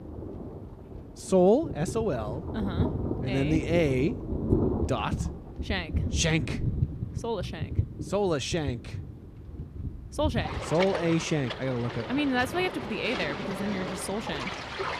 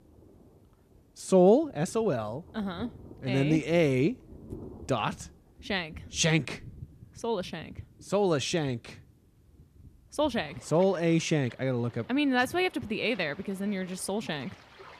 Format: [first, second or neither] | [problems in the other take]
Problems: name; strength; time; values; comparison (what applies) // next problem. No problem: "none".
second | rain or running water; loud; throughout; 5 dB below the speech; faint in the second